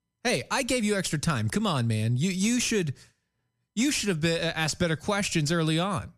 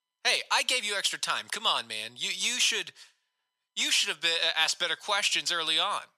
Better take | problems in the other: first | thin; very; fading below 850 Hz

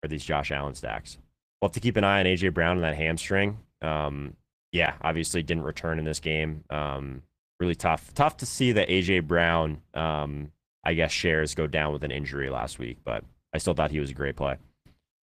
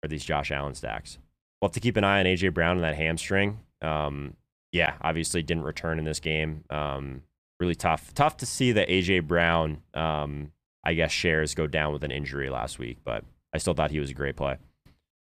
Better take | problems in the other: second | garbled, watery; slightly; nothing above 14.5 kHz

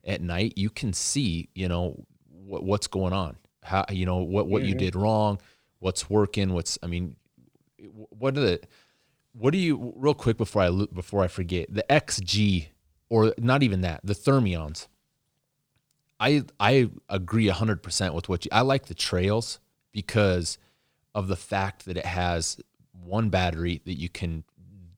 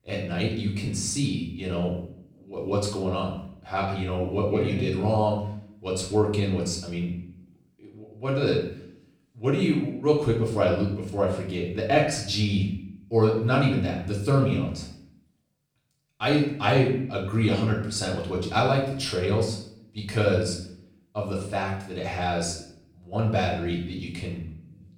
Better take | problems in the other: first | room echo; noticeable; dies away in 0.6 s // off-mic speech; far

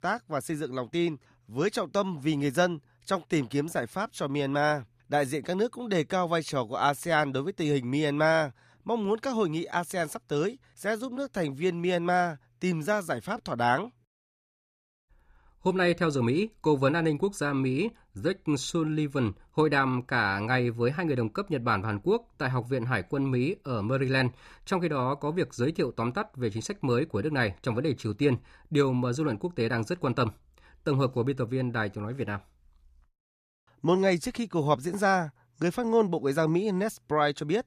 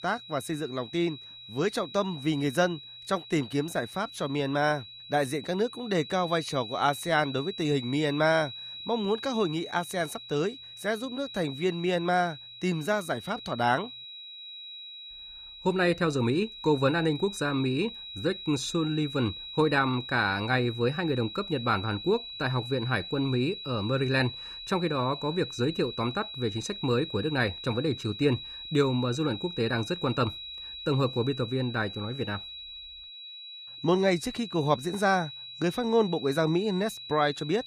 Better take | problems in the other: first | high-pitched whine; noticeable; throughout; 4 kHz, 10 dB below the speech

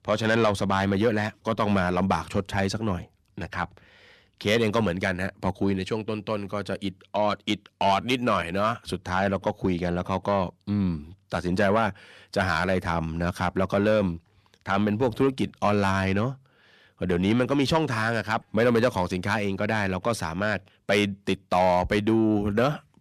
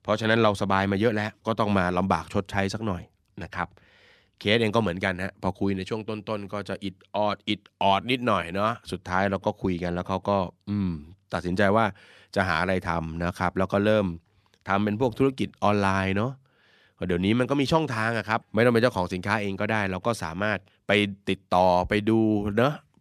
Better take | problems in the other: second | distortion; slight; 10 dB below the speech

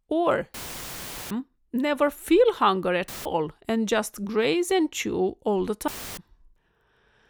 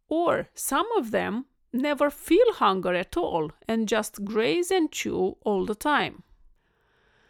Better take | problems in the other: second | audio cutting out; filled with static; at 0.5 s for 1 s, at 3 s and at 6 s

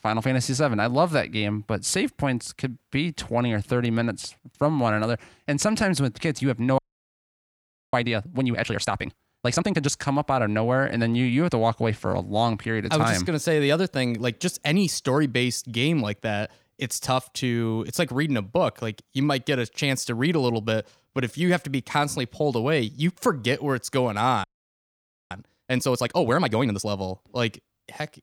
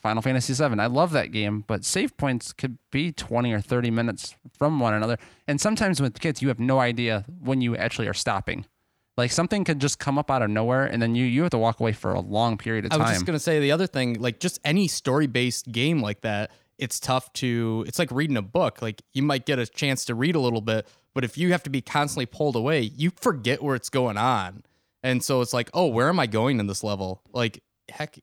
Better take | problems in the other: second | audio freezing; at 7 s for 1 s and at 24 s for 1 s

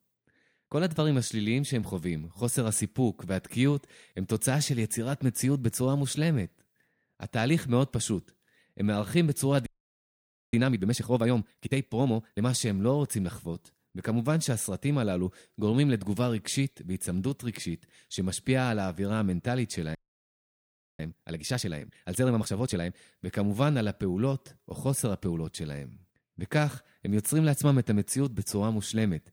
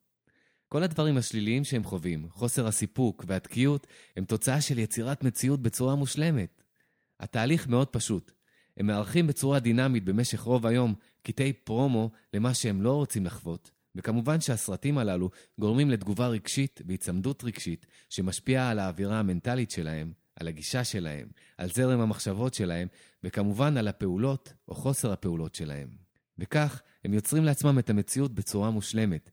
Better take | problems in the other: second | audio freezing; at 9.5 s for 1 s and at 20 s for 1 s

